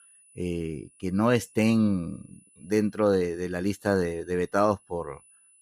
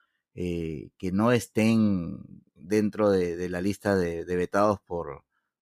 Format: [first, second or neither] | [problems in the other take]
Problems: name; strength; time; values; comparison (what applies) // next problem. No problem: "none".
second | high-pitched whine; faint; throughout; 10 kHz, 30 dB below the speech